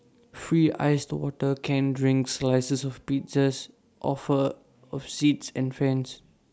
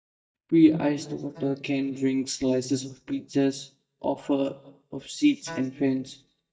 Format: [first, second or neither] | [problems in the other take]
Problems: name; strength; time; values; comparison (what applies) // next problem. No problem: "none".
first | noise reduction (neural mask model DeepFilterNet 3)